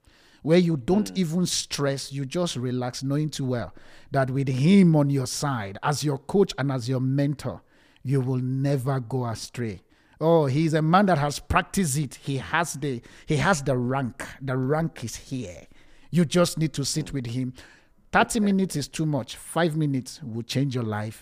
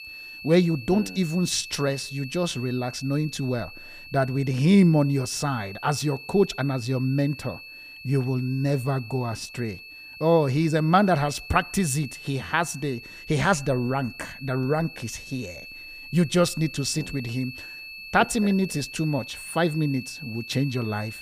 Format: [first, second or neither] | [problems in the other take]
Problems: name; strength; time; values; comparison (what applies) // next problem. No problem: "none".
first | high-pitched whine; noticeable; throughout; 2.5 kHz, 15 dB below the speech